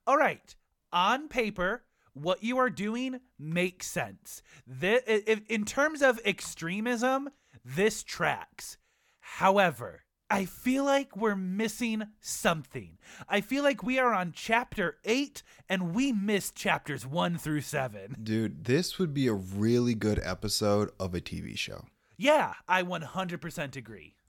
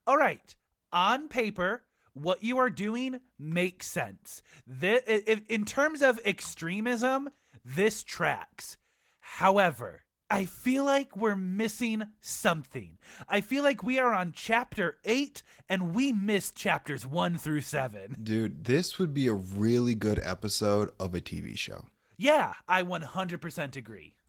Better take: first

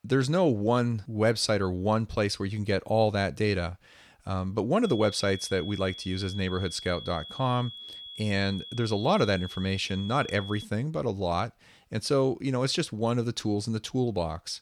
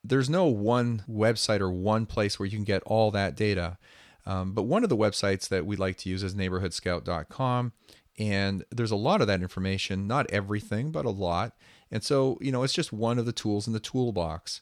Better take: second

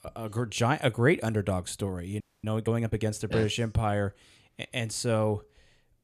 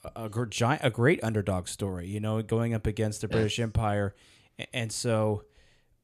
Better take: second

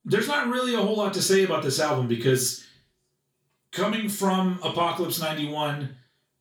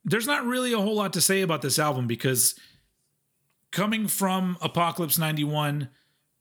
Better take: second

